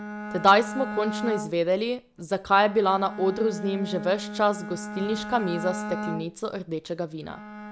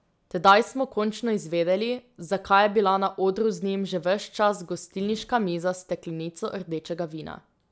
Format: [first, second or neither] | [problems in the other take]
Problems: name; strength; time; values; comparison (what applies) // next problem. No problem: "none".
second | background sound (Bowed string instrument); 9 dB below the speech